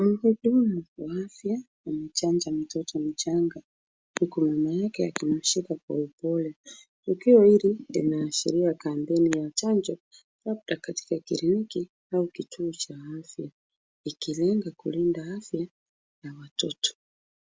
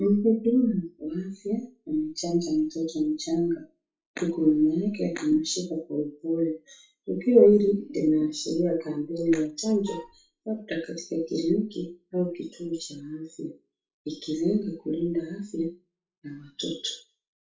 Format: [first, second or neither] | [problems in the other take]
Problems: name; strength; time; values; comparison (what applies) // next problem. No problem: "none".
first | noise reduction (classical method WPE with log-MMSE)